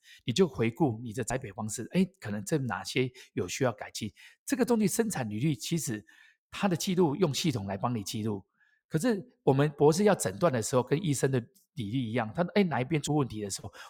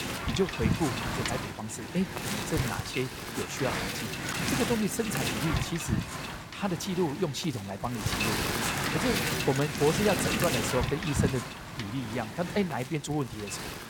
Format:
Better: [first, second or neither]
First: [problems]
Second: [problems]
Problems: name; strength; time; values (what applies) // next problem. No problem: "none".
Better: first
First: none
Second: wind noise on the microphone; heavy; 2 dB above the speech